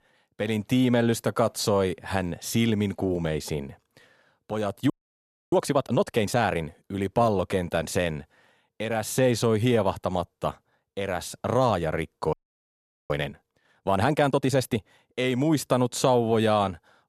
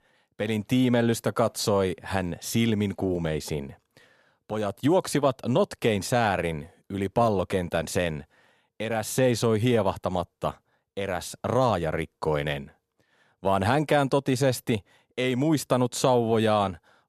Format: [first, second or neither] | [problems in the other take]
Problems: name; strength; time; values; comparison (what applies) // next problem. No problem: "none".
second | audio freezing; at 5 s for 0.5 s and at 12 s for 1 s